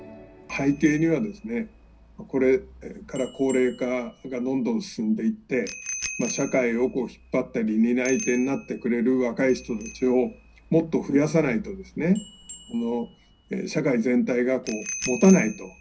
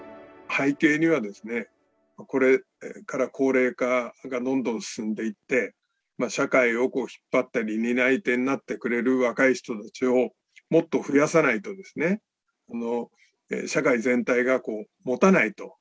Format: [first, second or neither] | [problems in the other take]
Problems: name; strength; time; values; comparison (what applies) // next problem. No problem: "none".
second | background sound (Bicycle bell); 16 dB below the speech // room echo; dies away in 0.5 s